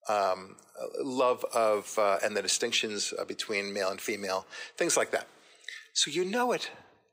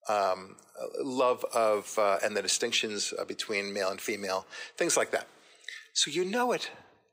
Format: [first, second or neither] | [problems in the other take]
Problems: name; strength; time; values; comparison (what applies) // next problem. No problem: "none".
neither | thin; somewhat; fading below 450 Hz; the same in both